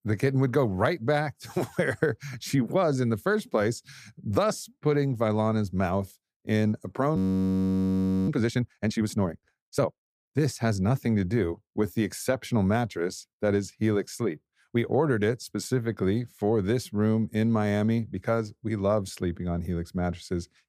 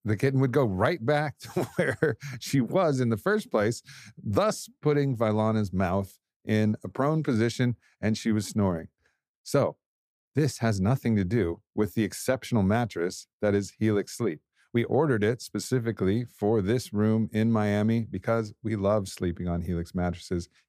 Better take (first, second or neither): second